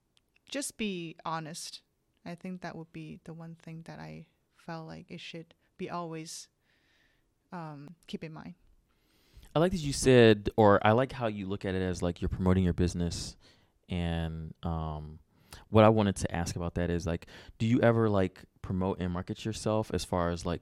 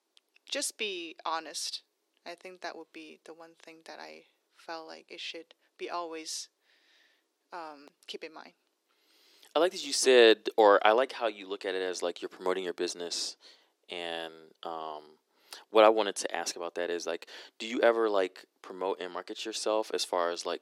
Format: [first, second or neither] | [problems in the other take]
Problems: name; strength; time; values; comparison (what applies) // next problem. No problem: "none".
first | thin; very; fading below 350 Hz